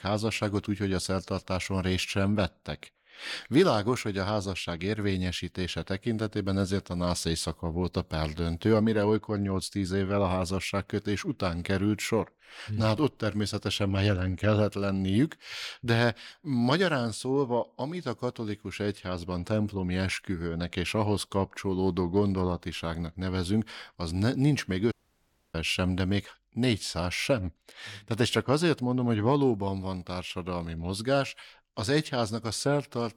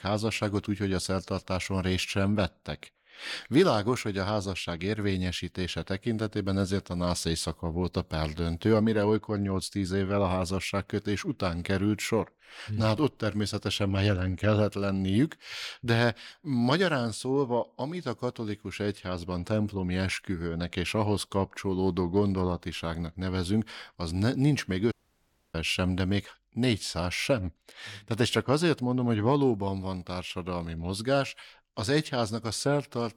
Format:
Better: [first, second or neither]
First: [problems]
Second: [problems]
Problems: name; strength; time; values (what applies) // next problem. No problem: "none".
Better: neither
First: audio cutting out; at 25 s for 0.5 s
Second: audio cutting out; at 25 s for 0.5 s